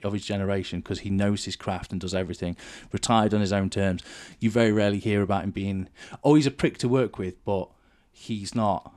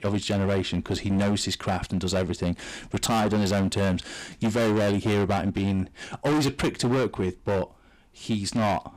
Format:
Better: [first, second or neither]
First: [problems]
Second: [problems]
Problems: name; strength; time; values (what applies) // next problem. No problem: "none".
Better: first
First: none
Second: distortion; heavy; 20% of the sound clipped